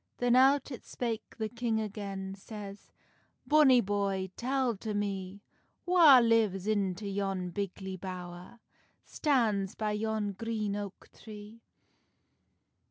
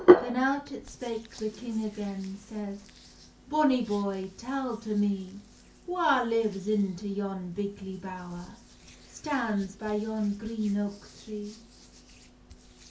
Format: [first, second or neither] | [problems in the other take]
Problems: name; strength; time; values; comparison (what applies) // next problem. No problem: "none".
first | background sound (Hands); 2 dB below the speech // room echo; dies away in 0.3 s